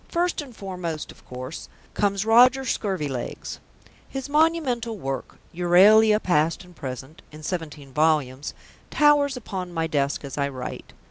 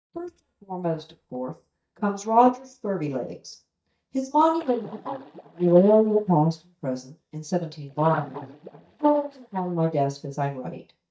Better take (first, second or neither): first